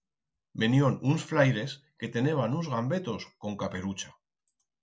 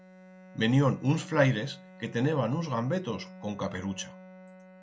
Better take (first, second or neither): first